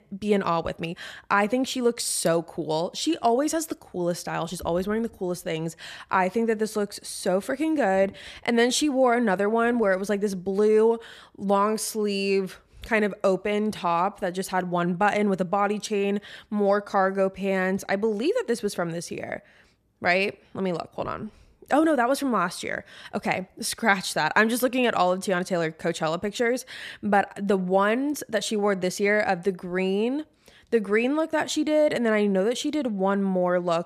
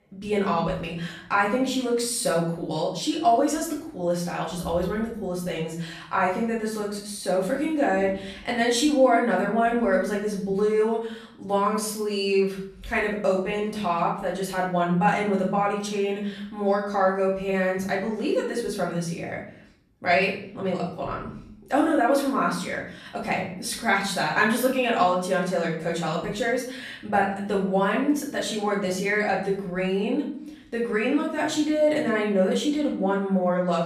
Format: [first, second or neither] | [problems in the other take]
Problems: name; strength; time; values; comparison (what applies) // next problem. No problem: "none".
first | off-mic speech; far // room echo; noticeable; dies away in 0.5 s